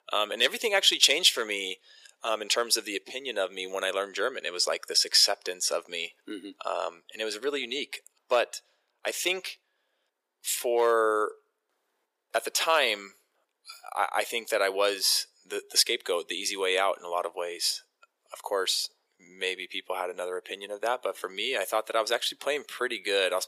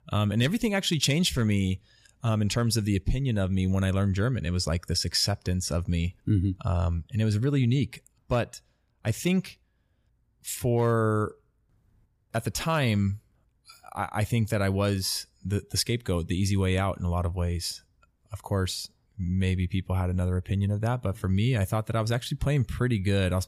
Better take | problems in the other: second | thin; very; fading below 400 Hz

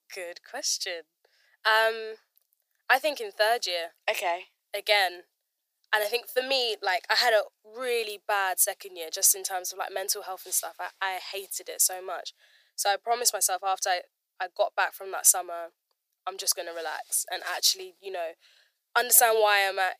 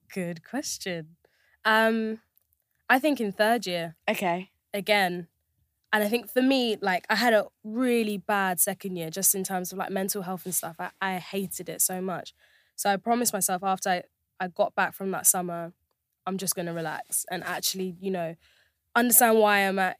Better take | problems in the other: second | thin; very; fading below 450 Hz

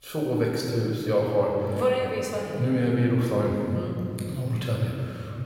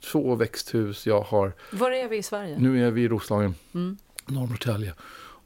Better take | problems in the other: second | room echo; noticeable; dies away in 3 s // off-mic speech; somewhat distant

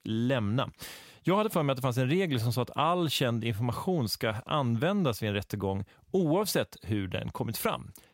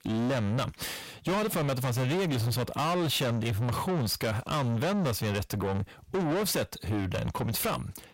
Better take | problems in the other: first | distortion; heavy; 6 dB below the speech

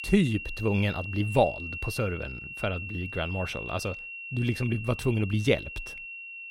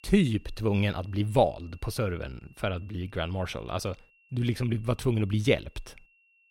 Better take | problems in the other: second | high-pitched whine; loud; throughout; 2.5 kHz, 8 dB below the speech; faint in the second

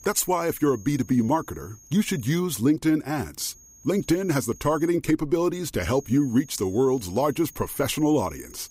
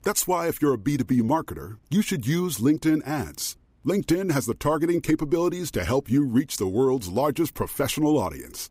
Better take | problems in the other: second | high-pitched whine; faint; until 2.5 s, from 3.5 to 5 s and from 6 s on; 6.5 kHz, 25 dB below the speech

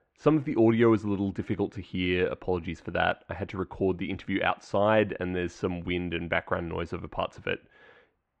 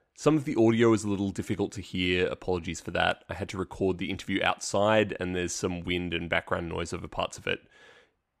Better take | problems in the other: second | muffled; very; fading above 2.5 kHz

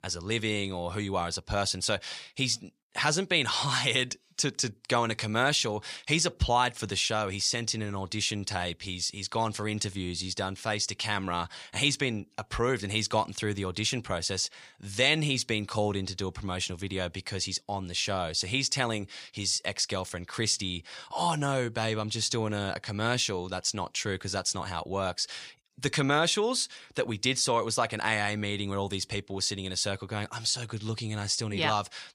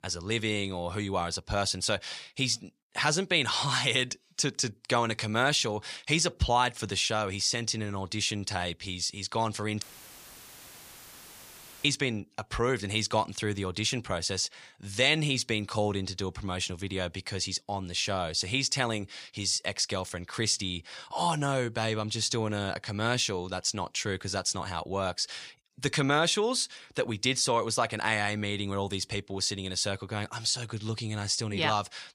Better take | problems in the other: first | audio cutting out; filled with static; at 10 s for 2 s

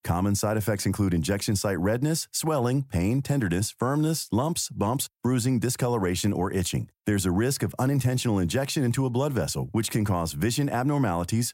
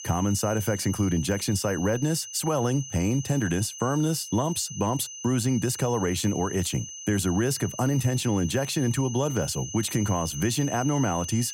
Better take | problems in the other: first | high-pitched whine; noticeable; throughout; 6 kHz, 10 dB below the speech

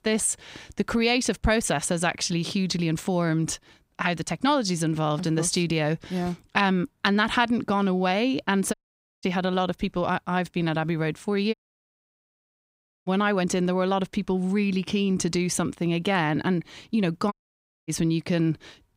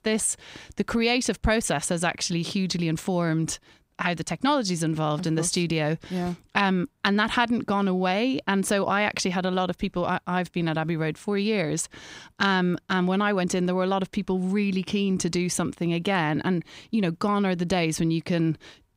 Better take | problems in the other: second | audio cutting out; at 8.5 s, at 12 s for 1.5 s and at 17 s for 0.5 s

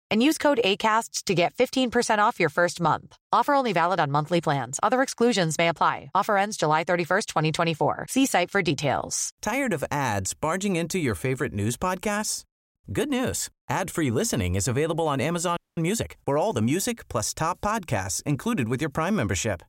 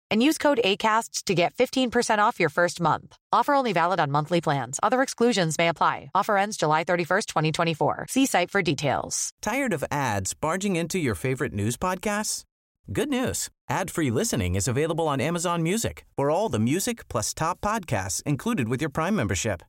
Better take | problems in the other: second | audio freezing; at 16 s

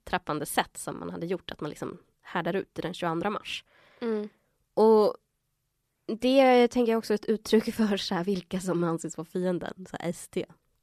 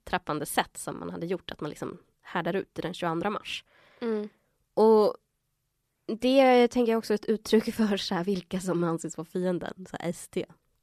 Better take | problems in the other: neither | none

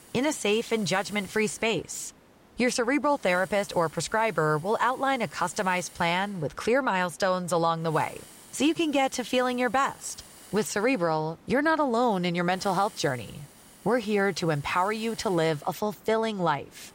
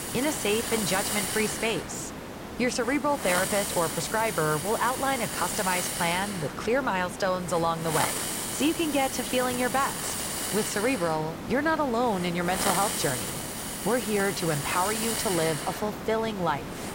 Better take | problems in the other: first | hiss; loud; throughout; 3 dB below the speech; faint in the first

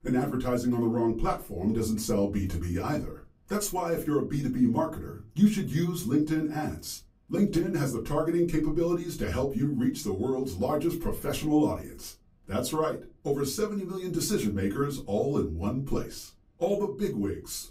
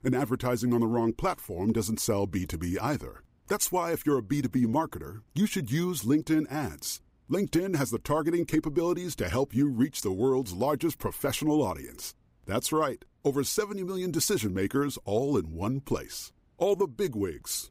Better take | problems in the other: second | off-mic speech; far // room echo; very slight; dies away in 0.3 s

